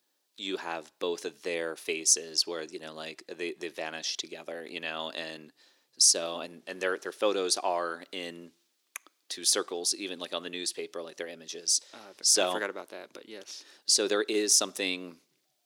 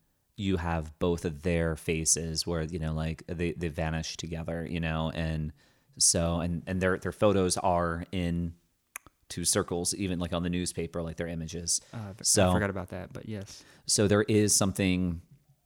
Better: second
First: thin; somewhat; fading below 350 Hz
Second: none

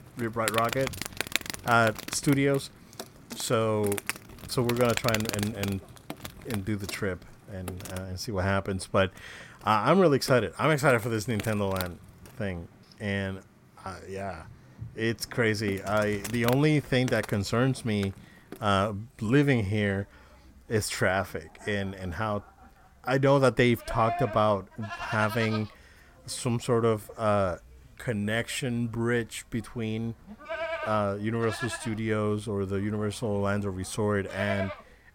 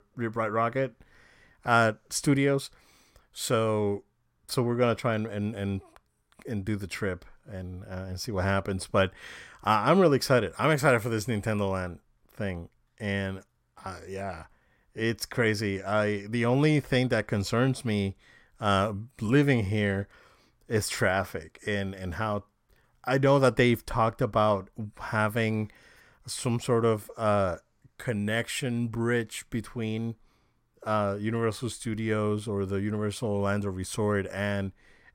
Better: second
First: animal sounds; loud; throughout; 9 dB below the speech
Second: none

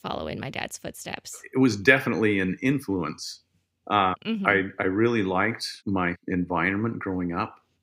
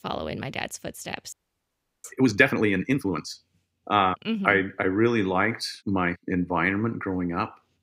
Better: first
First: none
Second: audio freezing; at 1.5 s for 0.5 s

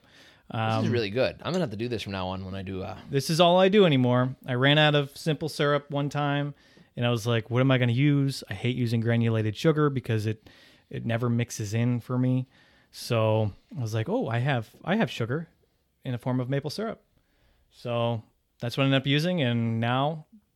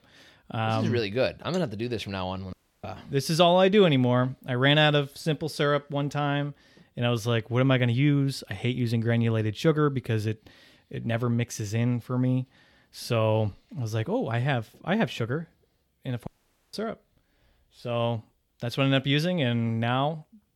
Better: first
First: none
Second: audio cutting out; at 2.5 s and at 16 s

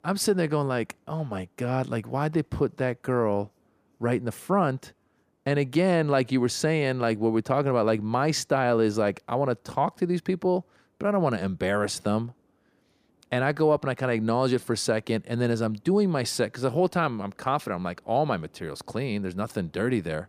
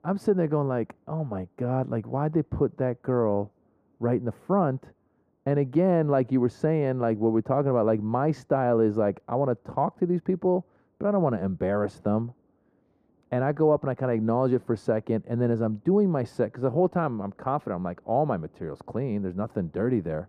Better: first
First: none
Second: muffled; very; fading above 2 kHz

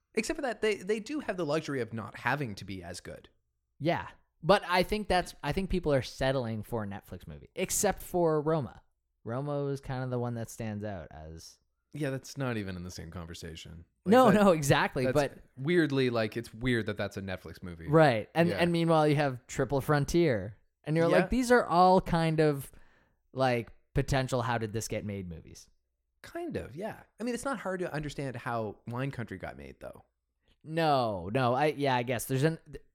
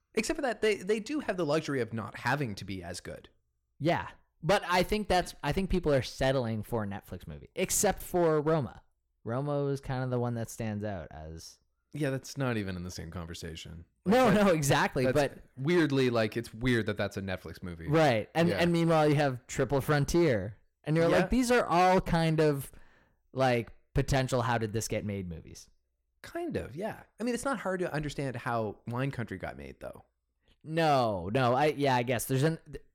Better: first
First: none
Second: distortion; slight; 4% of the sound clipped

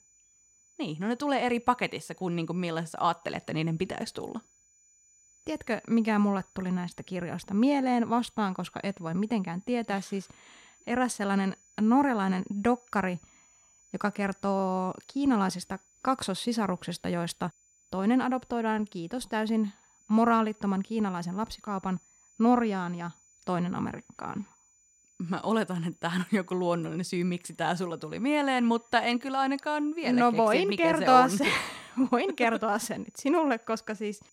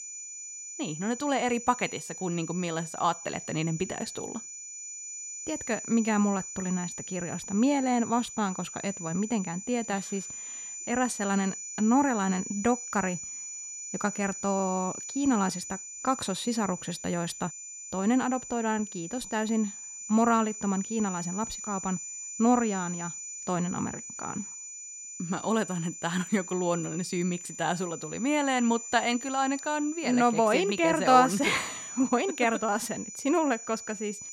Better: first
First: high-pitched whine; faint; throughout; 7 kHz, 30 dB below the speech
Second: high-pitched whine; loud; throughout; 7 kHz, 9 dB below the speech

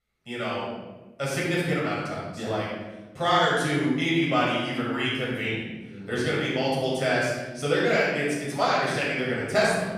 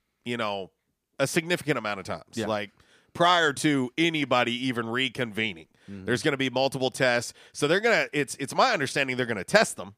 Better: second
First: off-mic speech; far // room echo; strong; dies away in 1.2 s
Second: none

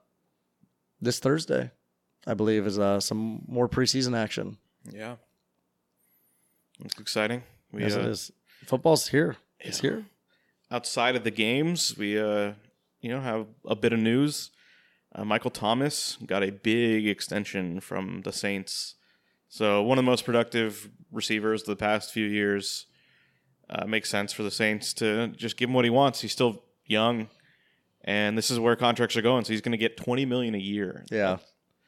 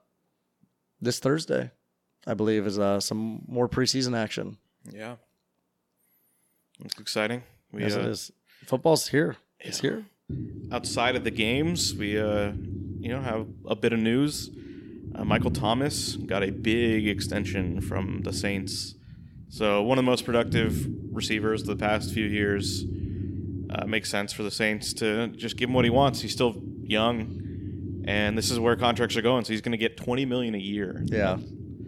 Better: first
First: none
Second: low rumble; noticeable; from 10 s on; 15 dB below the speech

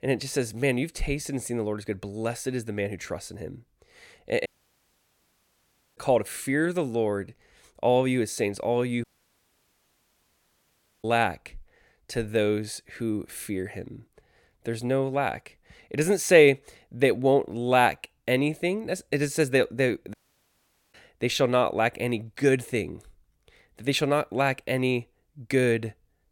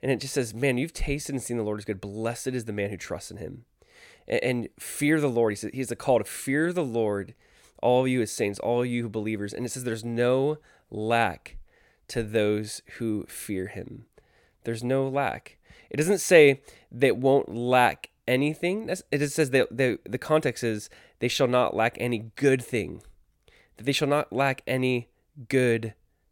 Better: second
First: audio cutting out; at 4.5 s for 1.5 s, at 9 s for 2 s and at 20 s for 1 s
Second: none

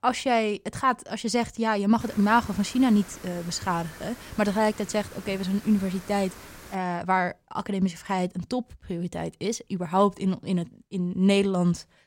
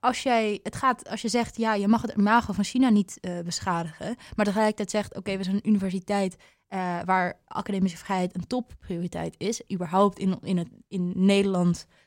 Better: second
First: hiss; noticeable; from 2 to 7 s; 20 dB below the speech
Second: none

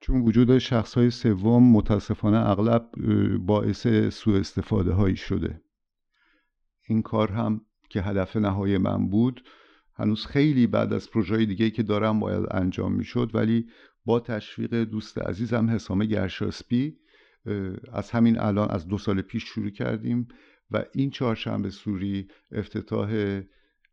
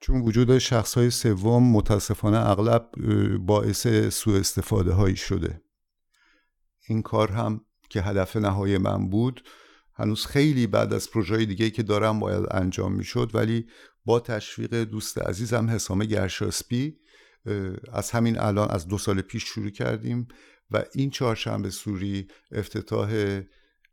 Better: second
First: muffled; slightly; fading above 4.5 kHz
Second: none

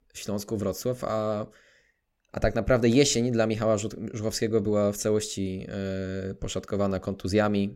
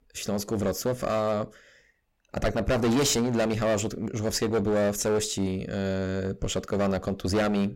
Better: first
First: none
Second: distortion; heavy; 14% of the sound clipped

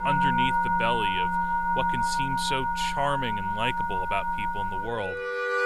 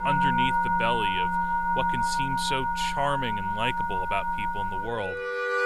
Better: neither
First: background music; very loud; throughout; 5 dB above the speech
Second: background music; very loud; throughout; 5 dB above the speech

